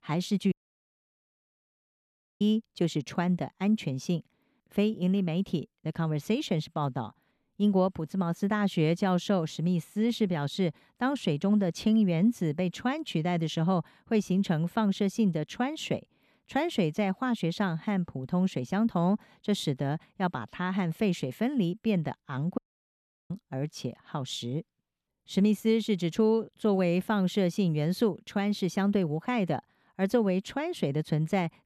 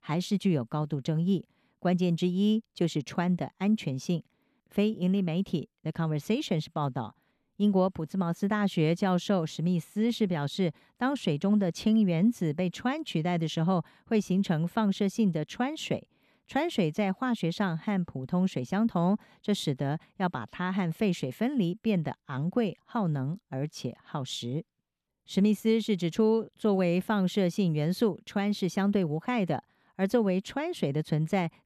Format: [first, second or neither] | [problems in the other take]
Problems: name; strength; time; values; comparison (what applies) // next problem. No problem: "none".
second | audio cutting out; at 0.5 s for 2 s and at 23 s for 0.5 s